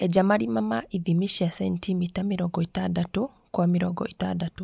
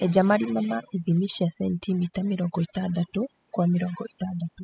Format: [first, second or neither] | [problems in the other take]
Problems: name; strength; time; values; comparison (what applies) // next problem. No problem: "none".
first | noise reduction (classical method spectral subtraction)